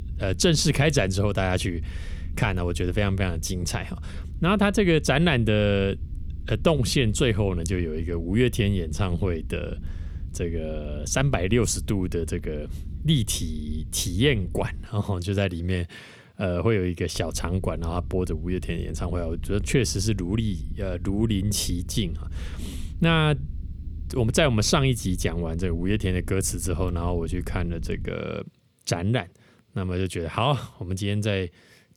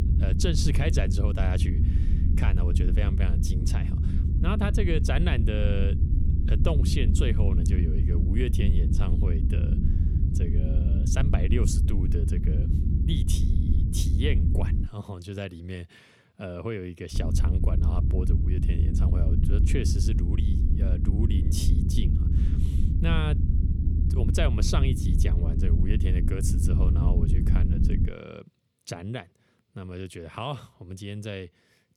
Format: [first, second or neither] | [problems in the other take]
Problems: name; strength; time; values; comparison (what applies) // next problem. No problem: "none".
first | low rumble; loud; until 15 s and from 17 to 28 s; 3 dB below the speech; faint in the first